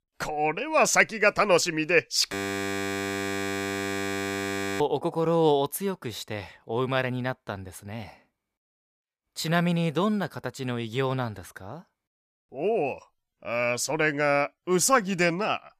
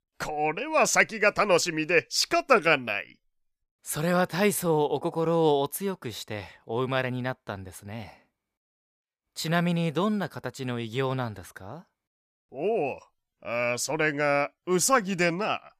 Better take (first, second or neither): second